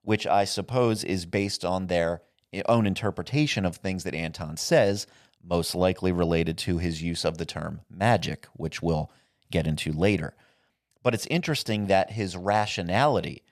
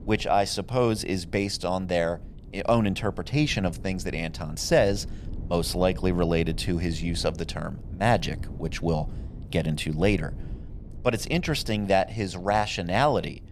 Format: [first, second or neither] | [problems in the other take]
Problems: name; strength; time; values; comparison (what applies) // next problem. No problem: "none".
first | low rumble; faint; throughout; 25 dB below the speech